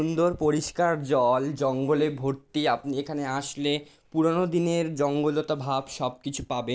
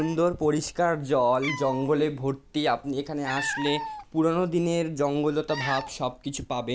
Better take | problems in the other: first | background sound (Cat); 12 dB below the speech

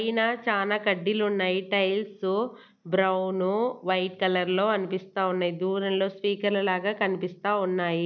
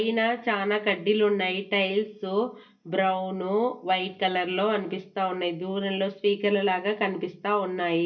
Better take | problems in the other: first | room echo; dies away in 0.2 s

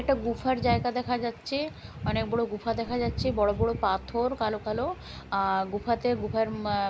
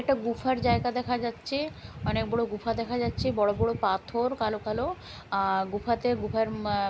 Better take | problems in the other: second | background sound (Keyboard (musical)); 18 dB below the speech

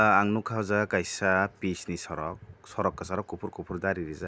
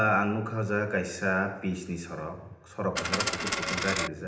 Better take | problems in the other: first | background sound (Coin (dropping)); as loud as the speech // room echo; dies away in 0.8 s

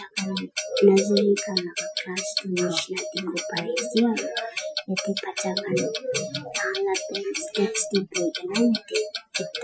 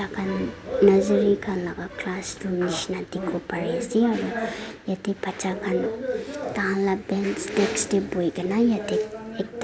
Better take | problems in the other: second | noise reduction (classical method Wiener filter)

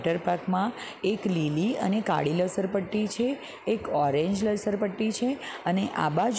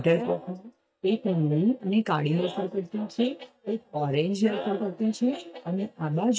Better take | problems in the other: first | noise reduction (neural mask model DeepFilterNet 3)

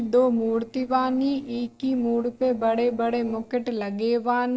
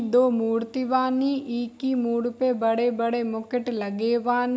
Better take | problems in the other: second | noise reduction (neural separator model SepFormer DNS4)

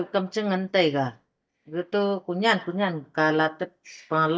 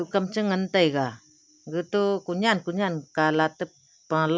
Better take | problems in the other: second | noise reduction (neural mask model DeepFilterNet 3)

